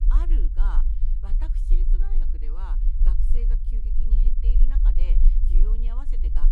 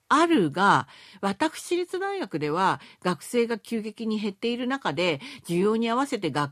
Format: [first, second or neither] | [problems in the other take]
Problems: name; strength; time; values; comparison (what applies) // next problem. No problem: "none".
second | low rumble; loud; throughout; 3 dB below the speech